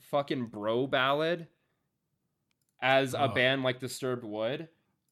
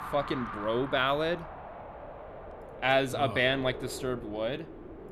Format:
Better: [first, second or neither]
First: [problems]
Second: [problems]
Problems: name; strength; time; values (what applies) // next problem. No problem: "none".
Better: first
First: none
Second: wind noise on the microphone; occasional gusts; 15 dB below the speech